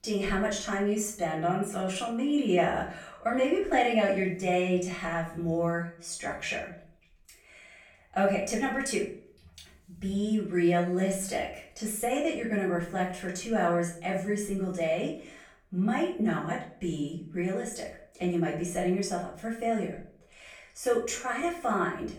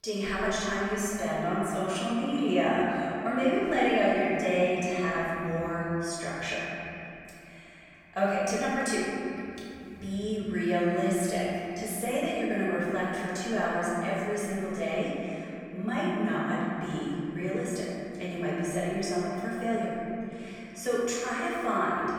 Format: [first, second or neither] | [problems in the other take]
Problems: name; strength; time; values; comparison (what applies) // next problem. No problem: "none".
first | room echo; strong; dies away in 3 s; slight in the first // off-mic speech; far; far in the first